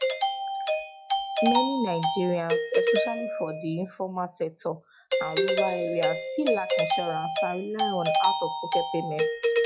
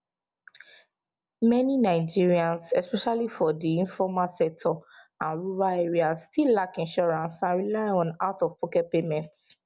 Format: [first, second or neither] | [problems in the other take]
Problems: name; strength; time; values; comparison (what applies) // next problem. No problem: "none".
second | noise reduction (classical method log-MMSE)